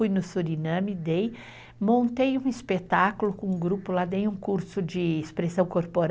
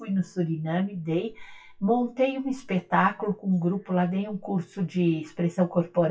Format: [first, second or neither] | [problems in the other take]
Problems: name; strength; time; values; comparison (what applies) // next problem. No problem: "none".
first | noise reduction (classical method WPE with log-MMSE)